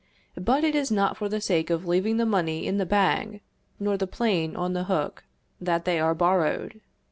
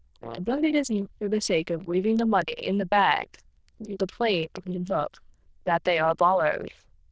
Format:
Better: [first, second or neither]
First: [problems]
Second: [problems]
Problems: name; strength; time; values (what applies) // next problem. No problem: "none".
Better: first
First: none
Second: noise reduction (neural diffusion model UNIVERSE++)